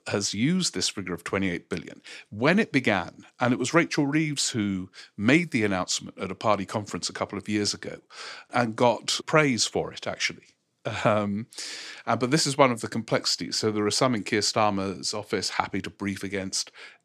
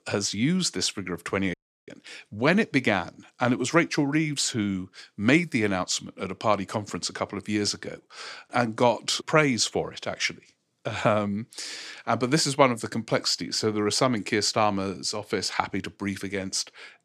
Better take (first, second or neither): first